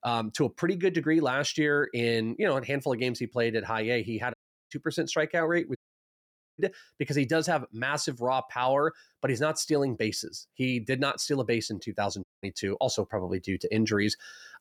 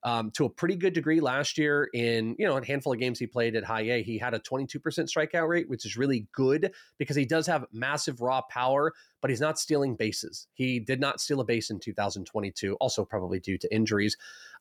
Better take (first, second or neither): second